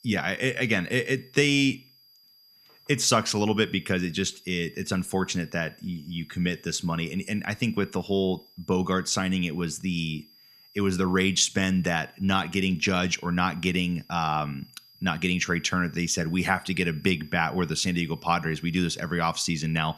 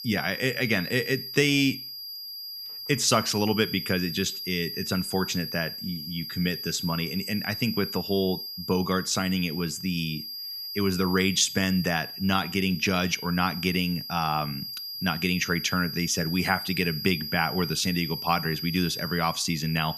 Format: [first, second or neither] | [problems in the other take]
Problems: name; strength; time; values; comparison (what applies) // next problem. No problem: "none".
first | high-pitched whine; loud; throughout; 5 kHz, 7 dB below the speech; faint in the first